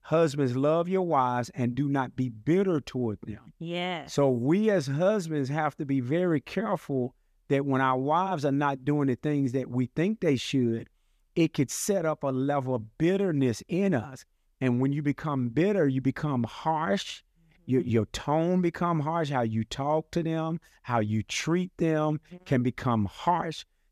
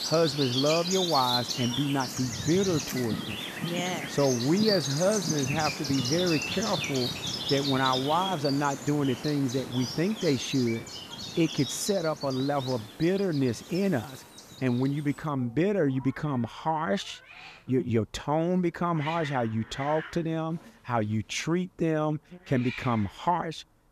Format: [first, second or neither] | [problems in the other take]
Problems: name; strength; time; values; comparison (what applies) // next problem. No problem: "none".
first | animal sounds; loud; throughout; 4 dB below the speech